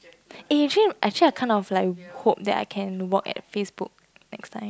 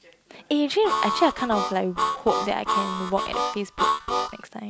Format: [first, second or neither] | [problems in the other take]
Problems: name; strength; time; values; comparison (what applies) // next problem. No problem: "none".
first | background sound (Harmonica); as loud as the speech